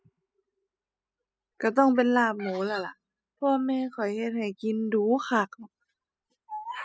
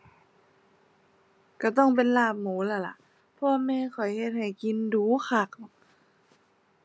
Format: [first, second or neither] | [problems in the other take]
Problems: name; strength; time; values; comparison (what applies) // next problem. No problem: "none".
second | noise reduction (classical method spectral subtraction)